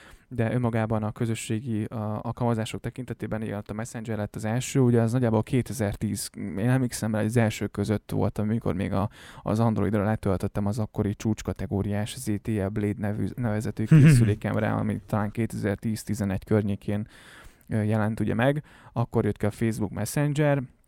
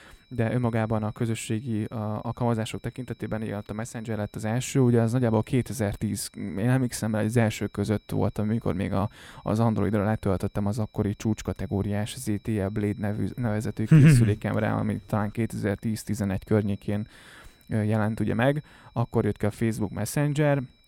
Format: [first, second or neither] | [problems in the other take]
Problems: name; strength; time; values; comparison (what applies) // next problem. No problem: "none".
first | high-pitched whine; faint; throughout; 4 kHz, 35 dB below the speech